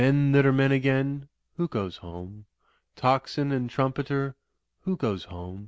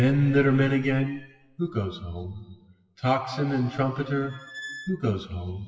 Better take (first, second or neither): first